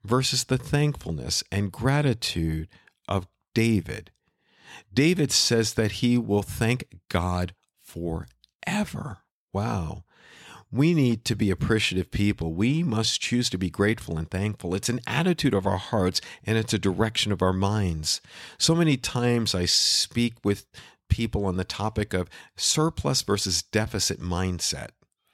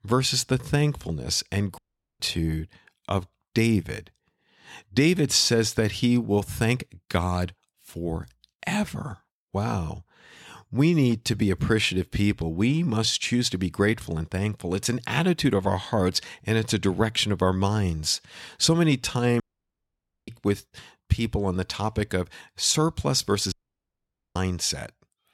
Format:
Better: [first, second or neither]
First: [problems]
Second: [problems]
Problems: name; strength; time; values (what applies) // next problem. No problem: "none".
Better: first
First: none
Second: audio cutting out; at 2 s, at 19 s for 1 s and at 24 s for 1 s